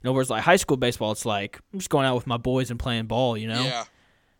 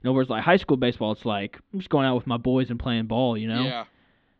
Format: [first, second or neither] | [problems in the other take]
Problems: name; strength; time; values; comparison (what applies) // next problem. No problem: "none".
first | muffled; slightly; fading above 4 kHz